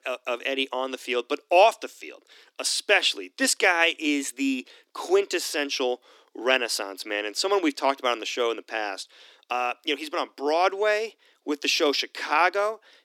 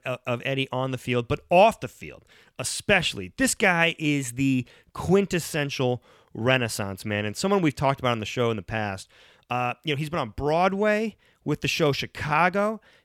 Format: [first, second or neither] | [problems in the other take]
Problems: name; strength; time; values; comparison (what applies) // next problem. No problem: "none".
second | thin; very slightly; fading below 250 Hz